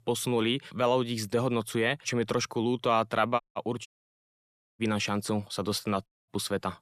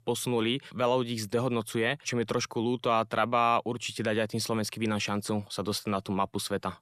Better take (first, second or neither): second